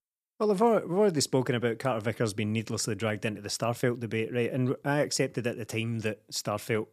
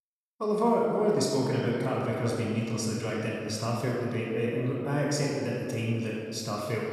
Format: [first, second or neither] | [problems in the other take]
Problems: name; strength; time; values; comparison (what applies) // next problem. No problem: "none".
first | off-mic speech; far // room echo; noticeable; dies away in 2.3 s